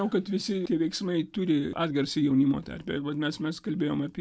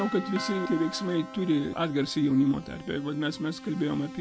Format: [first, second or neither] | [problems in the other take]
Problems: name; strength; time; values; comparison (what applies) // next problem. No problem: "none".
first | background sound (Doorbell + Keyboard (musical)); 13 dB below the speech